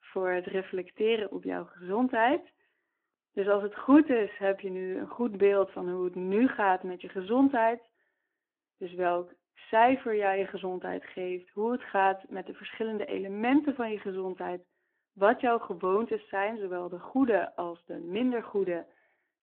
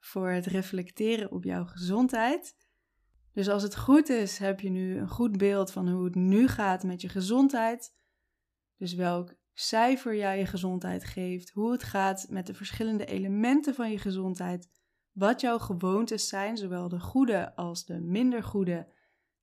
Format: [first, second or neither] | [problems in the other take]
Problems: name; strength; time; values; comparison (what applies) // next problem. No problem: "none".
second | phone-call audio